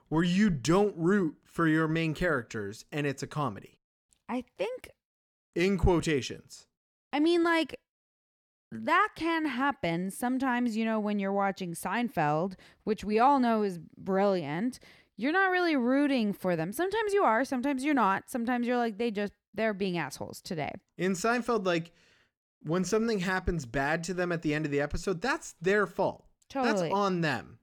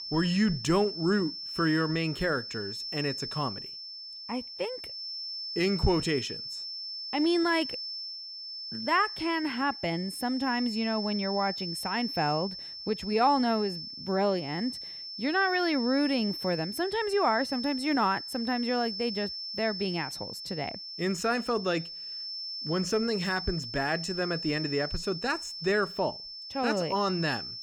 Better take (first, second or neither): first